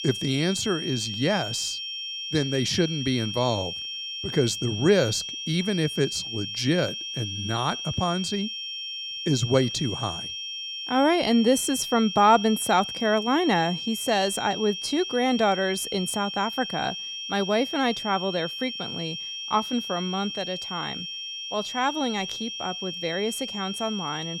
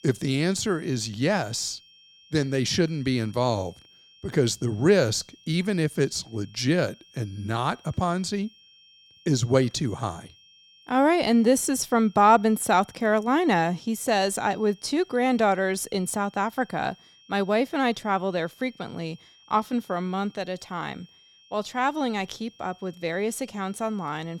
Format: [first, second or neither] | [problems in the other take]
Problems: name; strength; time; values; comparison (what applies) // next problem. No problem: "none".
second | high-pitched whine; loud; throughout; 3 kHz, 6 dB below the speech; faint in the second